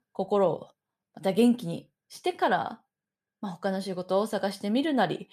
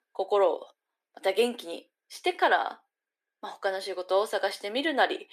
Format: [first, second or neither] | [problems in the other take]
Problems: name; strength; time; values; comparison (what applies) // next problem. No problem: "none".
first | thin; somewhat; fading below 300 Hz